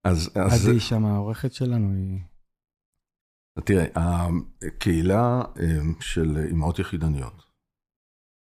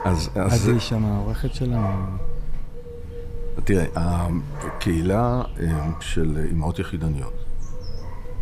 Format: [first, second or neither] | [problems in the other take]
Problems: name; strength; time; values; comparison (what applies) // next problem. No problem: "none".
first | animal sounds; noticeable; throughout; 10 dB below the speech